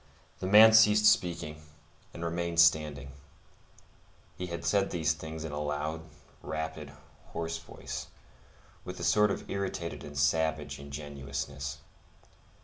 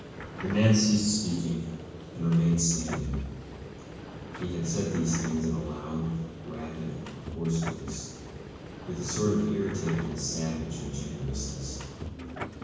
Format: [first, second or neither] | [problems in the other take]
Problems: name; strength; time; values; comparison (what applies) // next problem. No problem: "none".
first | background sound (Subway, metro, underground); 11 dB below the speech // room echo; dies away in 1.2 s